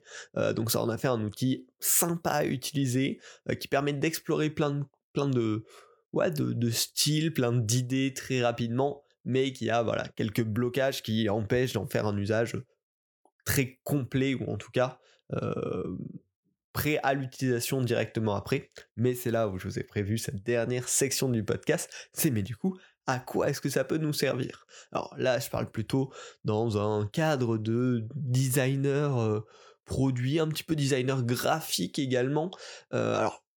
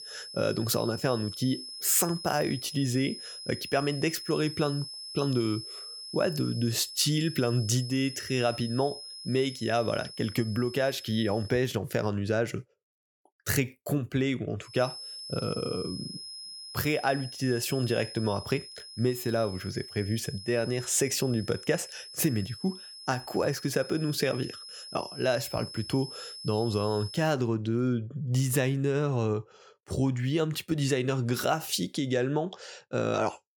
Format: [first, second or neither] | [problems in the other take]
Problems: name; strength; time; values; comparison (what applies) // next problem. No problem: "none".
first | high-pitched whine; noticeable; until 12 s and from 15 to 27 s; 5 kHz, 10 dB below the speech